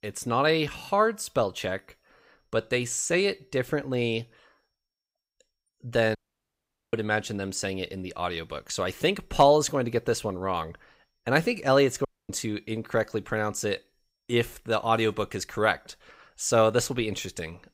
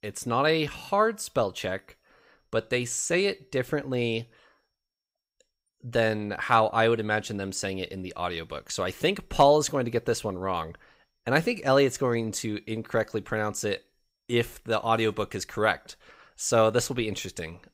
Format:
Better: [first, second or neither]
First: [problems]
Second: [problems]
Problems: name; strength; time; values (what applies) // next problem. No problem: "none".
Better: second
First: audio cutting out; at 6 s for 1 s and at 12 s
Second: none